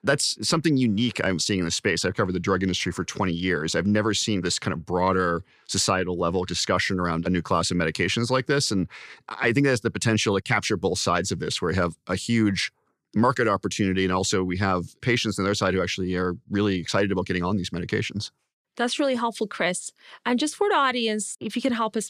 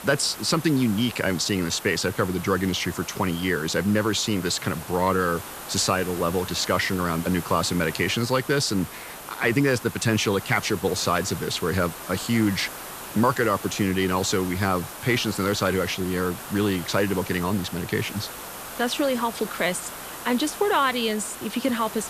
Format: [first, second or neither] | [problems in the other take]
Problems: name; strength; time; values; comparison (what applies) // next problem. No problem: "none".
first | hiss; noticeable; throughout; 10 dB below the speech